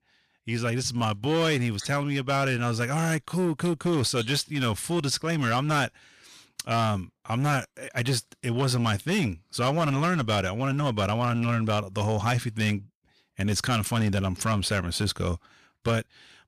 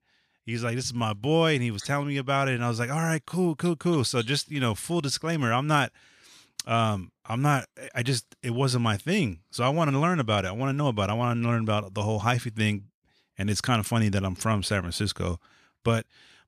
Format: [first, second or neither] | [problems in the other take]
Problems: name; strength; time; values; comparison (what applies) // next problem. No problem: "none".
second | distortion; slight; 10% of the sound clipped